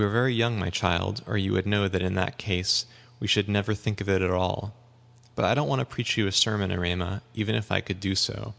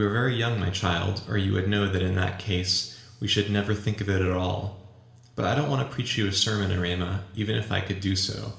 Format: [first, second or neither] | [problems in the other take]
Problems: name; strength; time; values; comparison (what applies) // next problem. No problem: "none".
first | room echo; dies away in 1.2 s